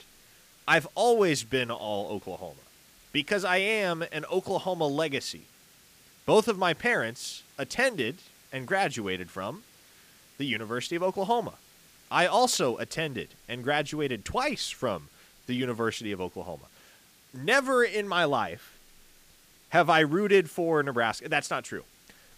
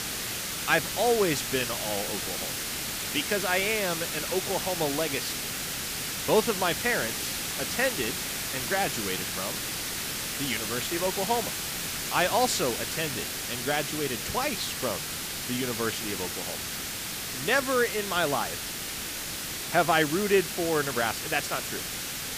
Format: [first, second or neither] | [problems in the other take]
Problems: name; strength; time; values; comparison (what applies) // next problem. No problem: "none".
first | hiss; loud; throughout; 2 dB below the speech; faint in the first